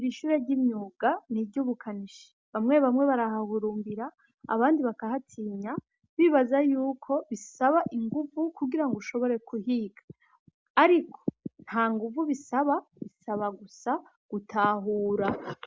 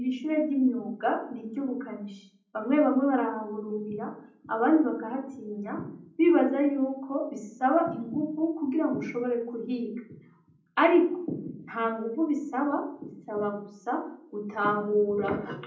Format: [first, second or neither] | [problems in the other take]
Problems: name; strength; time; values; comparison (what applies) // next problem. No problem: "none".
first | room echo; dies away in 0.6 s